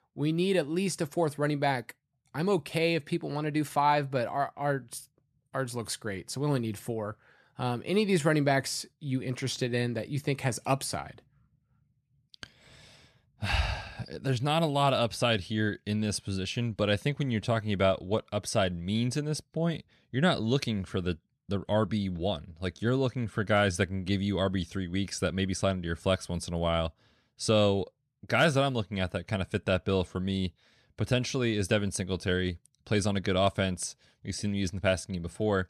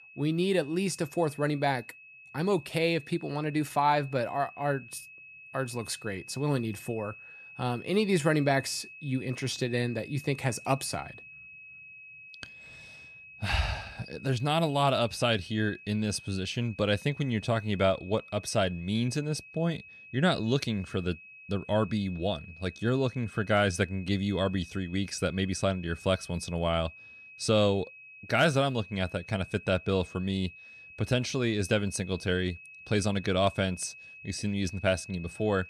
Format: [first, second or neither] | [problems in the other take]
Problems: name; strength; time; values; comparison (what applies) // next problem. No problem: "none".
first | high-pitched whine; noticeable; throughout; 2.5 kHz, 15 dB below the speech